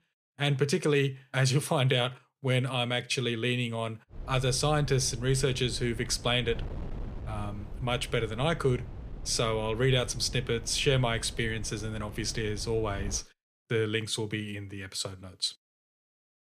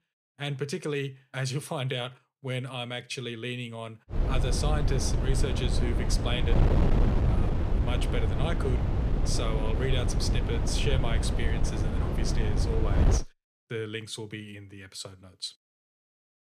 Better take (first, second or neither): first